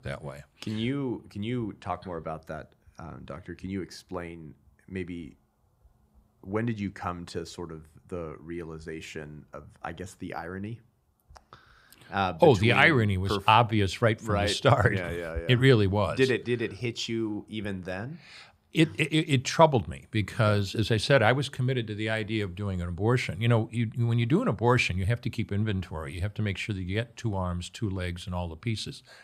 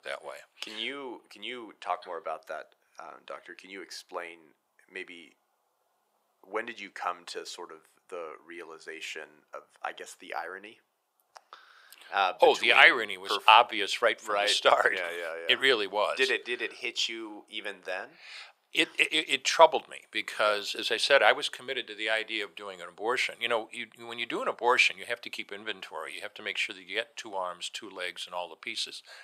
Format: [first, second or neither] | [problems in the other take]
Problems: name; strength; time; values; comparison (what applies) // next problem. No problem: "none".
first | thin; very; fading below 500 Hz